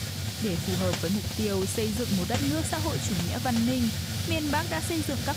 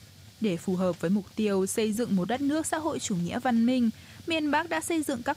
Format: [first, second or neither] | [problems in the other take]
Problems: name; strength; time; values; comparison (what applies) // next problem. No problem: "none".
second | hiss; loud; throughout; 1 dB below the speech; faint in the second